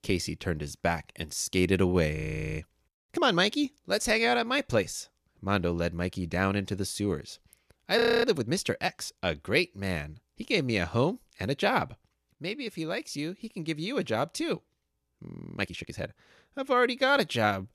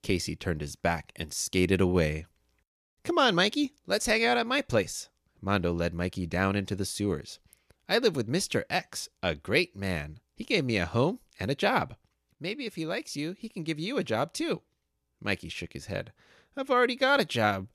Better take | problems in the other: second | audio freezing; at 2 s, at 8 s and at 15 s

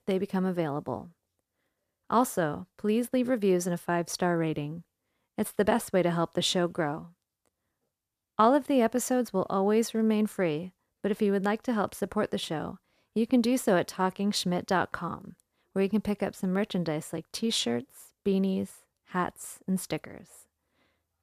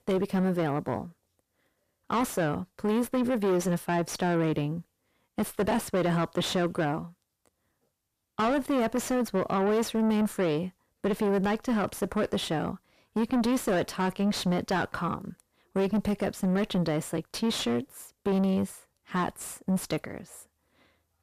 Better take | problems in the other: first | distortion; heavy; 7 dB below the speech

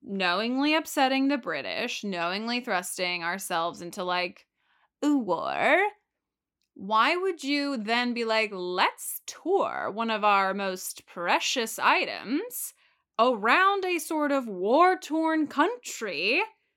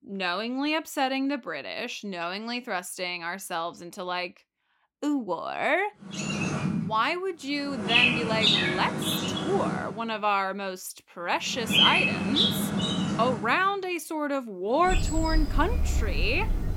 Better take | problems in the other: first | animal sounds; very loud; from 6 s on; 3 dB above the speech

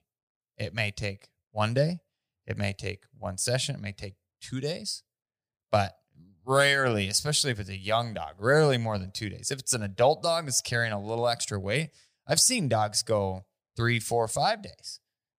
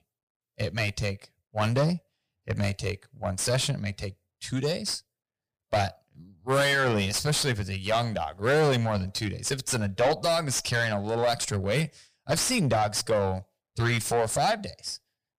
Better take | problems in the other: first | distortion; heavy; 6 dB below the speech

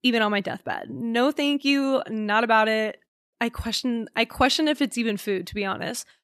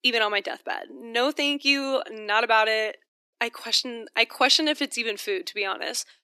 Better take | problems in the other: first | thin; somewhat; fading below 300 Hz

